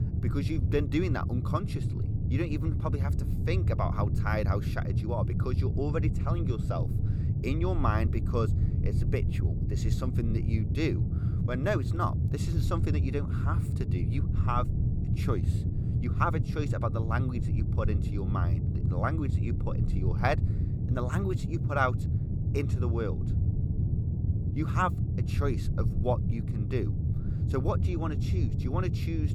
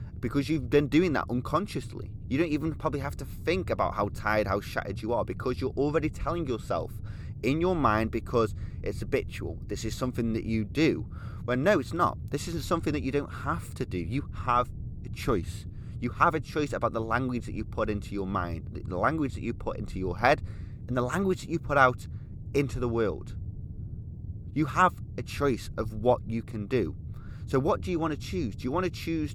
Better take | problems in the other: second | low rumble; loud; throughout; 7 dB below the speech; faint in the second

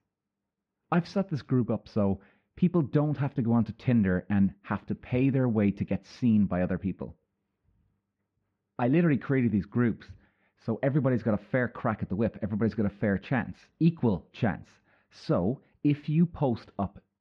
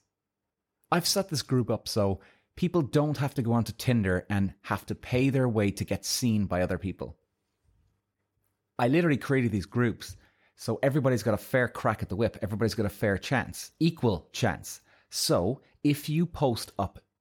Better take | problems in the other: second | muffled; very; fading above 2.5 kHz

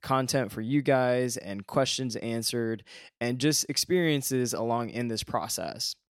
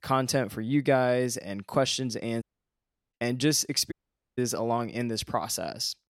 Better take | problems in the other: first | audio cutting out; at 2.5 s for 0.5 s and at 4 s

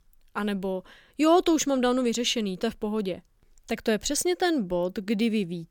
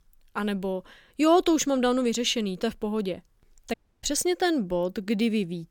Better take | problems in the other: first | audio cutting out; at 3.5 s

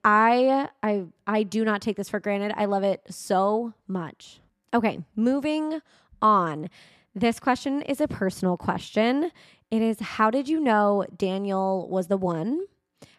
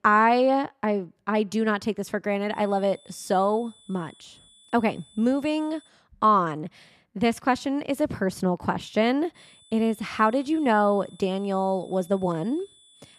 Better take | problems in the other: first | high-pitched whine; faint; from 2.5 to 6 s and from 9.5 s on; 3.5 kHz, 30 dB below the speech

